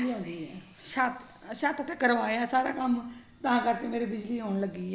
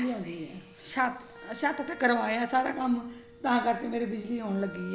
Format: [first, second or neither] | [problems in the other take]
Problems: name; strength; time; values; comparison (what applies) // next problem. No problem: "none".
first | background sound (Wind instrument, woodwind instrument); 19 dB below the speech